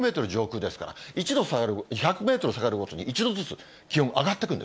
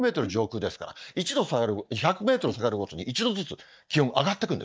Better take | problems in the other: first | noise reduction (neural mask model DeepFilterNet 3)

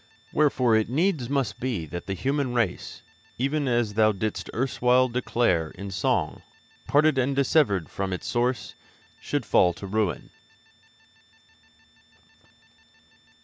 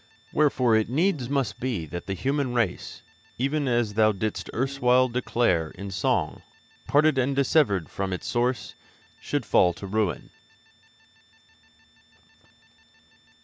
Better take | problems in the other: first | background sound (Piano); 15 dB below the speech

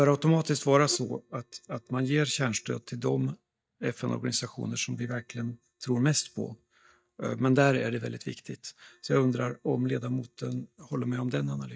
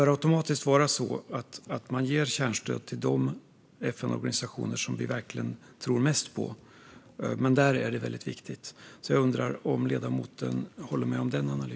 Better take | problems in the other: second | noise reduction (neural mask model DeepFilterNet 3)

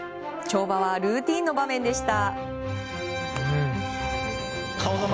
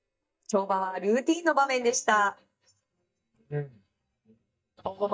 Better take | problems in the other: first | noise reduction (neural mask model DeepFilterNet 3)

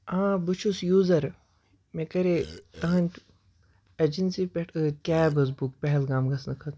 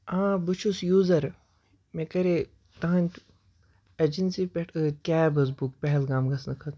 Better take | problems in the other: second | background sound (Burping, eructation); 16 dB below the speech

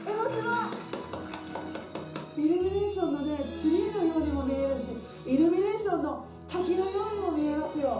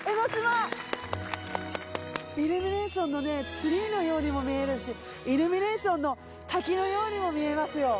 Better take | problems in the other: second | room echo; dies away in 0.6 s

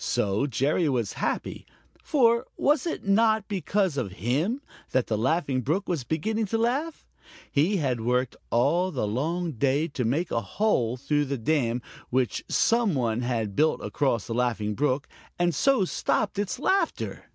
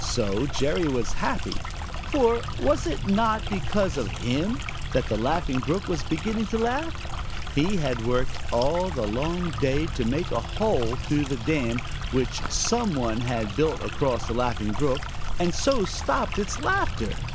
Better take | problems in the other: first | background sound (Stream); 3 dB below the speech

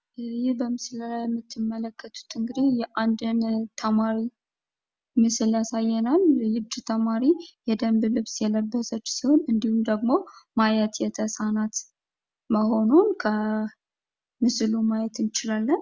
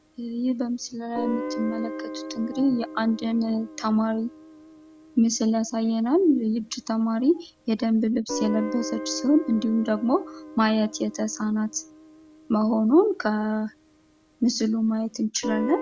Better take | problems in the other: first | background sound (Guitar); 12 dB below the speech

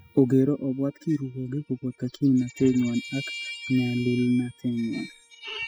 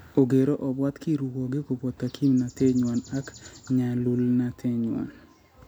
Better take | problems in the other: second | noise reduction (classical method spectral subtraction)

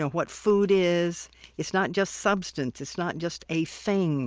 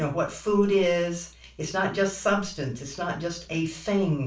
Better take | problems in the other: first | room echo; dies away in 0.3 s

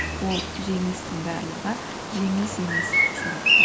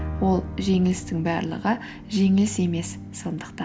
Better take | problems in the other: second | background sound (Bird vocalization, bird call, bird song); 4 dB above the speech

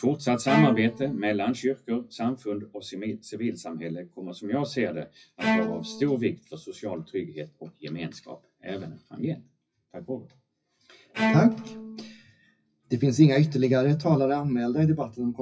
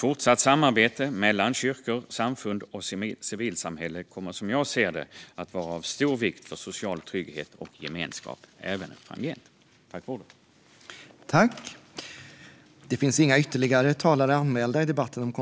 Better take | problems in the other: second | noise reduction (classical method WPE with log-MMSE)

